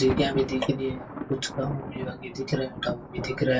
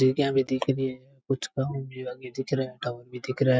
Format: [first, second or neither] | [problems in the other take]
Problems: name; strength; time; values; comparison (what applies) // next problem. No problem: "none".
second | background sound (Thunder); 7 dB below the speech // room echo; dies away in 0.1 s